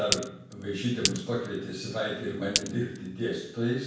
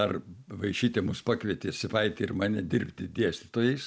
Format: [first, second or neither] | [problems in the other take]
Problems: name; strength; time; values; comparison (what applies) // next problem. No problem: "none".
second | background sound (Glass); 3 dB below the speech // room echo; dies away in 0.7 s